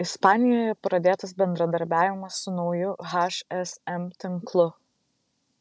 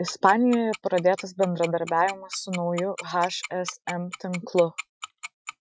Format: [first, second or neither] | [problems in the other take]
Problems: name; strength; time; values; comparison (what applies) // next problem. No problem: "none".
first | noise reduction (classical method Wiener filter)